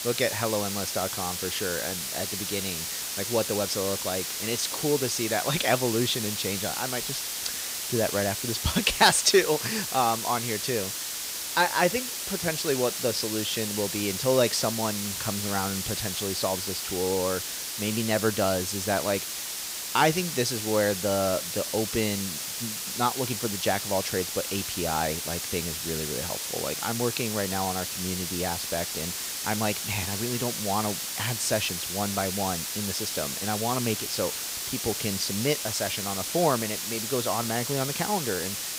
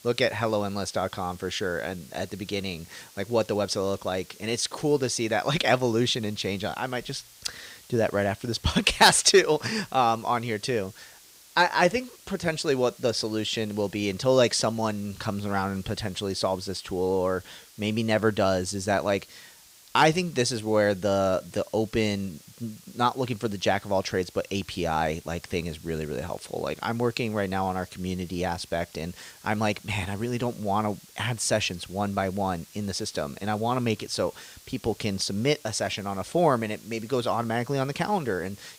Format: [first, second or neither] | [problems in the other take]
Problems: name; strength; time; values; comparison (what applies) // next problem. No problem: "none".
second | hiss; loud; throughout; 2 dB below the speech; faint in the second